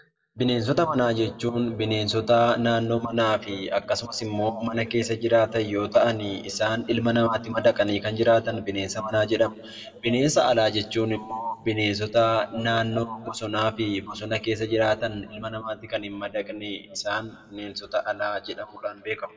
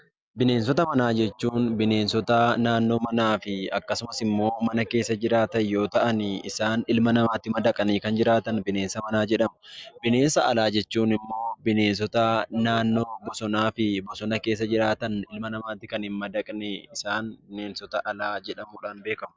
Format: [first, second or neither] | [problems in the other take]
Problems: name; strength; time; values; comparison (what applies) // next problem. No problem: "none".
second | room echo; dies away in 0.7 s